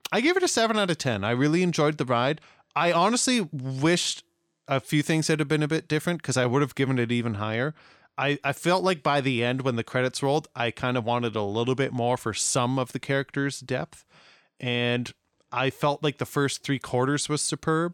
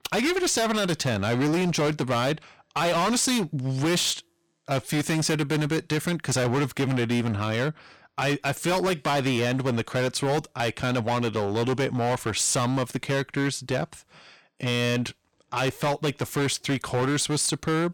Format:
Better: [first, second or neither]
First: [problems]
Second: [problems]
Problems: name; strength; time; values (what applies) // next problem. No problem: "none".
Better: first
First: none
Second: distortion; heavy; 19% of the sound clipped